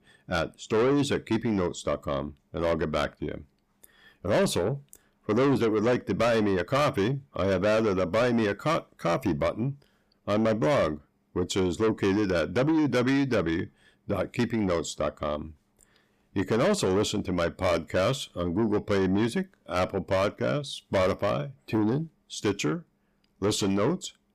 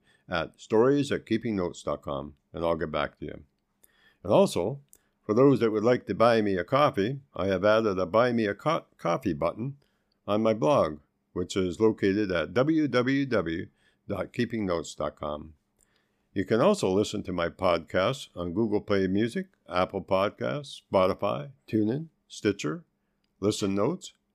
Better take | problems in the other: second | distortion; heavy; 7 dB below the speech

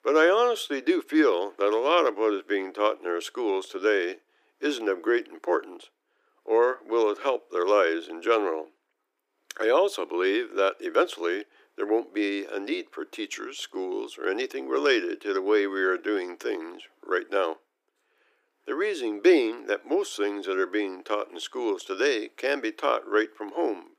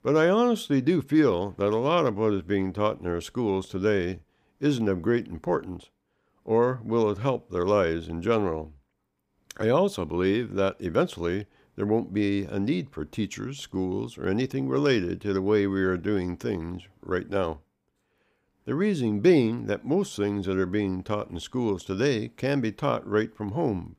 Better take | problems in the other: second | thin; very; fading below 300 Hz

